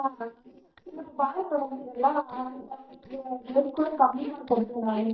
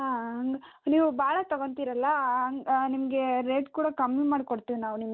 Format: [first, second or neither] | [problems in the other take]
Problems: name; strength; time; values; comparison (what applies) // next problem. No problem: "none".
second | noise reduction (neural mask model DeepFilterNet 3)